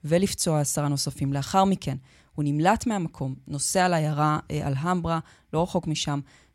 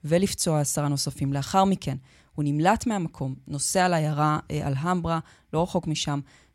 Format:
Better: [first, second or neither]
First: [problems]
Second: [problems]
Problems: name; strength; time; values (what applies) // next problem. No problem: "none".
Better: neither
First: none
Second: none